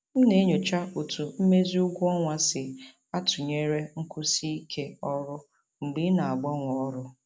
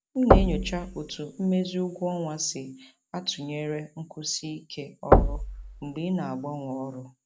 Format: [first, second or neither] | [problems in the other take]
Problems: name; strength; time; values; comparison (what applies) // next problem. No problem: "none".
first | background sound (Knock / Wood / Percussion); 5 dB above the speech